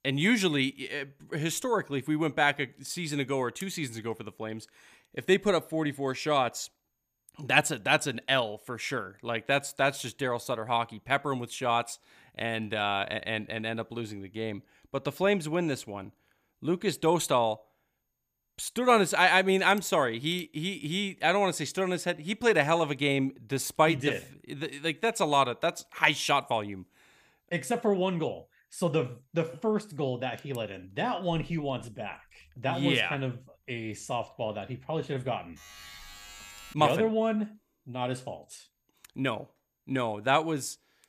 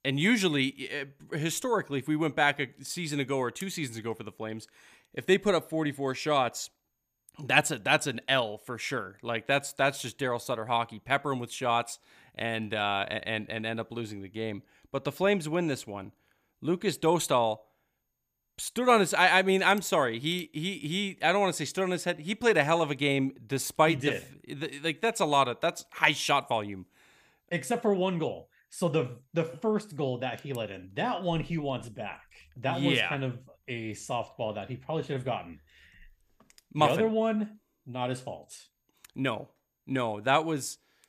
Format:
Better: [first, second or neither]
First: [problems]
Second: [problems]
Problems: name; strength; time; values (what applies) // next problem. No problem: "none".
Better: second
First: alarm; faint; from 36 to 37 s; peak 15 dB below the speech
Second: none